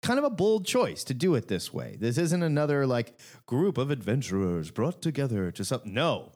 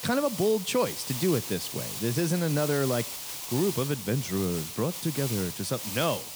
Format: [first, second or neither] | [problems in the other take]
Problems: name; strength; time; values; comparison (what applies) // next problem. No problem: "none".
first | hiss; loud; throughout; 5 dB below the speech